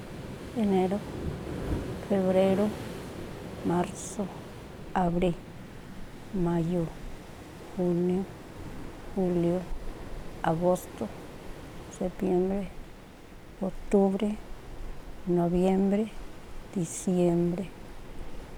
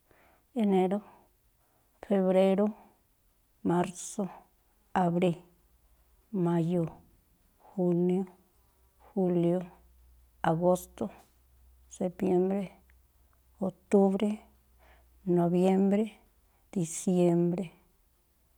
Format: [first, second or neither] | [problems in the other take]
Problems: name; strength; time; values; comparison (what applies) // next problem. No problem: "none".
second | background sound (Waves, surf); 9 dB below the speech